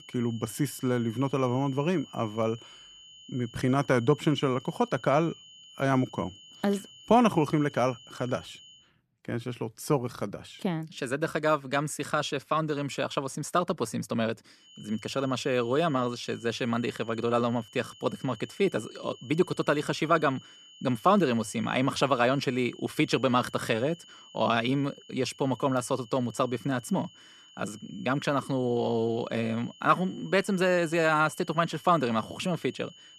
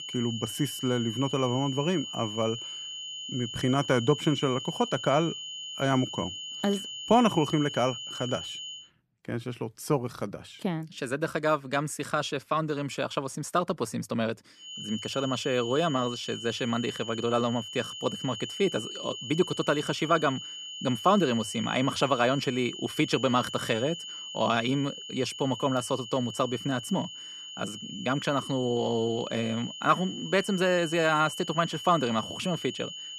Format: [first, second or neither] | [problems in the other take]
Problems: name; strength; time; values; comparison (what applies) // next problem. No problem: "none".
first | high-pitched whine; loud; until 9 s and from 15 s on; 3 kHz, 8 dB below the speech; faint in the first